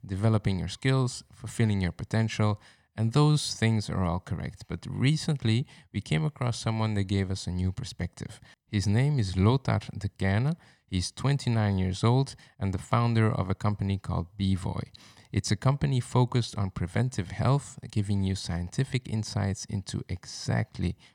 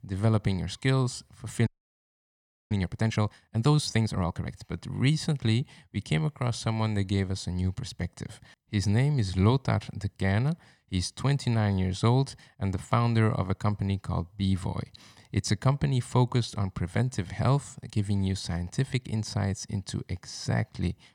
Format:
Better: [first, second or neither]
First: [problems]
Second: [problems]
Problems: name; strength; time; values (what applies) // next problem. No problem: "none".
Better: first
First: none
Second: audio freezing; at 1.5 s for 1 s